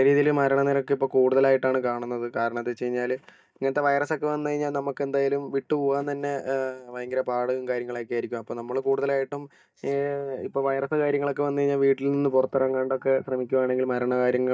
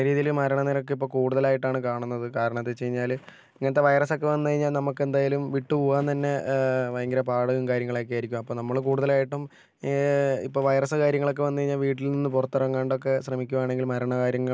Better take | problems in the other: second | noise reduction (neural mask model DeepFilterNet 3)

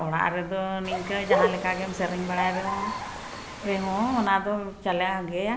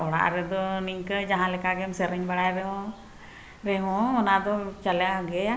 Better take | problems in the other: second | background sound (Bird); 3 dB below the speech

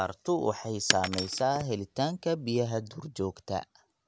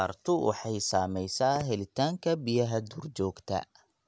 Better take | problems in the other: second | background sound (Shatter); 4 dB below the speech

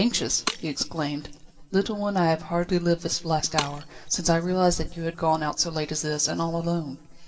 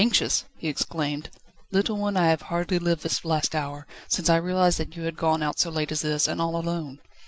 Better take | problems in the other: second | background sound (Shatter); 15 dB below the speech // room echo; dies away in 1.4 s

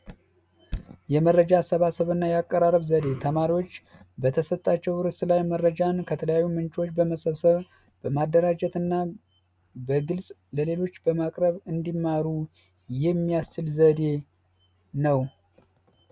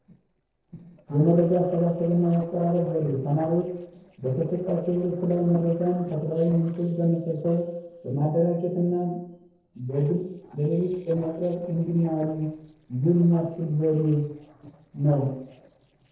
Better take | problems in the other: first | noise reduction (neural separator model SepFormer DNS4)

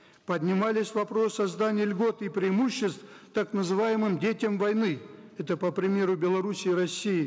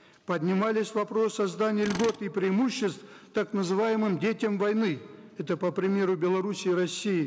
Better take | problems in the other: first | background sound (Tools); 18 dB below the speech

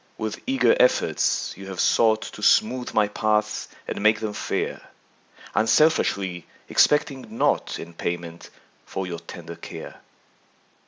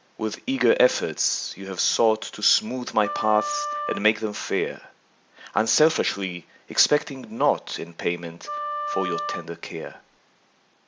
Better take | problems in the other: first | background sound (Wind instrument, woodwind instrument); 7 dB below the speech

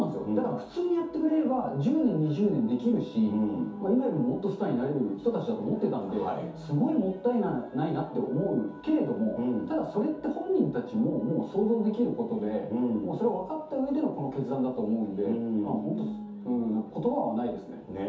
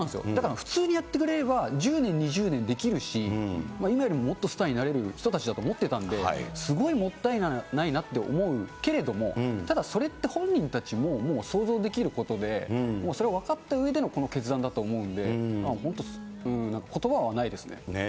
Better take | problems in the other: second | room echo; dies away in 0.5 s

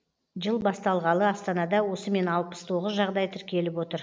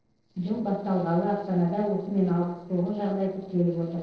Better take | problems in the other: first | noise reduction (neural separator model SepFormer DNS4)

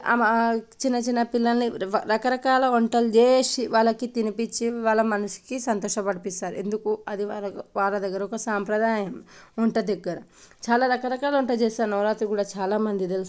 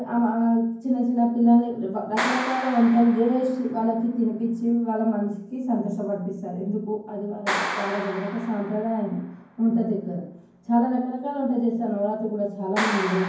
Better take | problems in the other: first | background sound (Clapping); 11 dB below the speech // room echo; dies away in 0.9 s

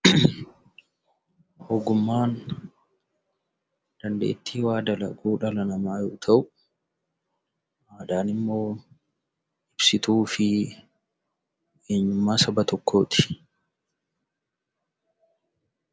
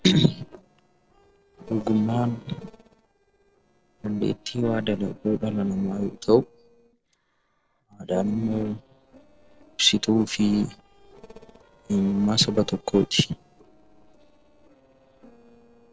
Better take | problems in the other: first | noise reduction (neural separator model SepFormer DNS4)

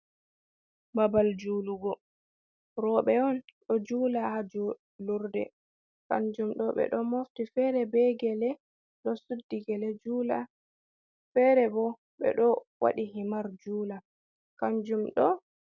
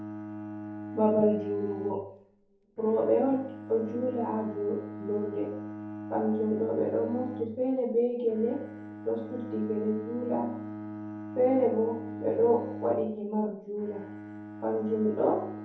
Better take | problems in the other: first | background sound (Bowed string instrument); 10 dB below the speech // room echo; dies away in 0.6 s

